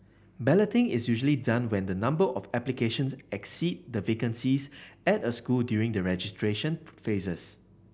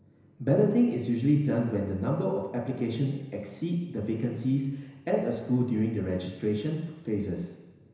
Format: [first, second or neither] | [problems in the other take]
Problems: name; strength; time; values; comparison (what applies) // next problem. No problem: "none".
first | room echo; dies away in 1 s